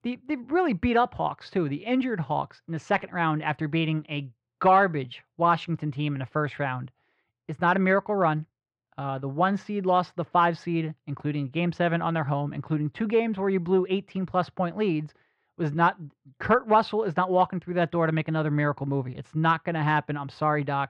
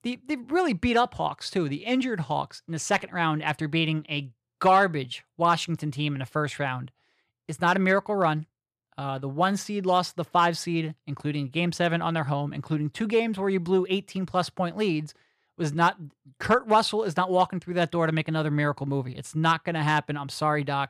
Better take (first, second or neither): second